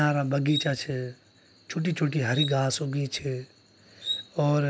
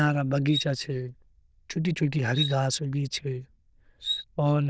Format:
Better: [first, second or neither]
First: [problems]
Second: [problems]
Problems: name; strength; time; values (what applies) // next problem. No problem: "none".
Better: first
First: none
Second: noise reduction (neural diffusion model UNIVERSE++)